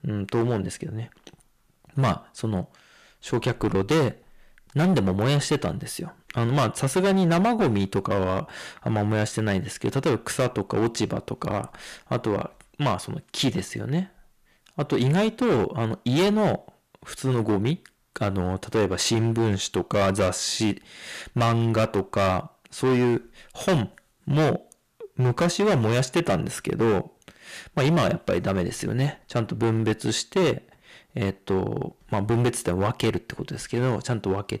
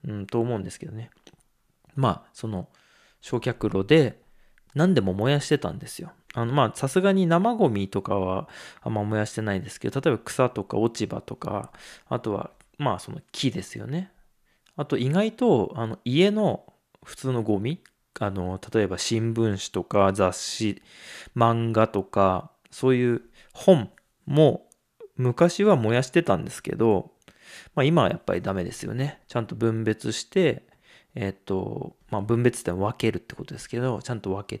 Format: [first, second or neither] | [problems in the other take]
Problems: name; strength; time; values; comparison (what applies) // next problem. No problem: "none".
second | distortion; heavy; 10% of the sound clipped